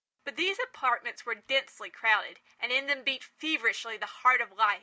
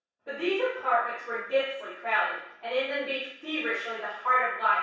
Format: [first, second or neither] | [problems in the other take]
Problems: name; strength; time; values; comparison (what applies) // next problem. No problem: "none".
first | room echo; dies away in 0.7 s